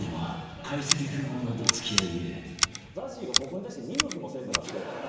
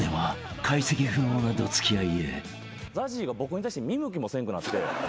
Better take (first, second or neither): second